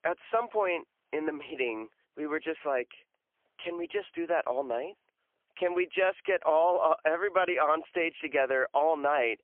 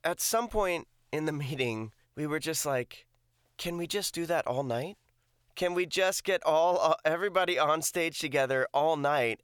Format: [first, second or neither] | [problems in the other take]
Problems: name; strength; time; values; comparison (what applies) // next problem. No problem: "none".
second | phone-call audio; poor line; nothing above 3 kHz